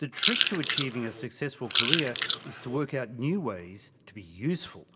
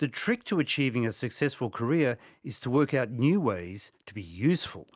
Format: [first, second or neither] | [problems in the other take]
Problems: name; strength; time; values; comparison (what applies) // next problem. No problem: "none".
second | background sound (Chewing, mastication / Crushing); 4 dB above the speech // room echo; dies away in 1 s